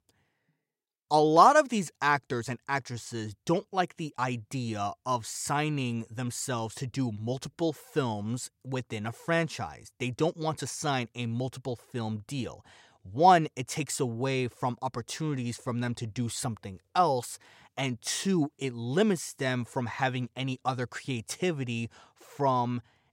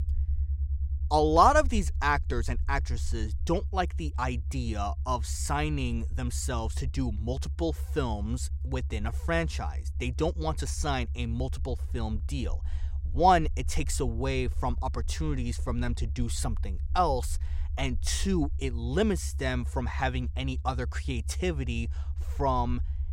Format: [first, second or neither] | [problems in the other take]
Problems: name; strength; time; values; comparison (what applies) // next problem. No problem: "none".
first | low rumble; faint; throughout; 25 dB below the speech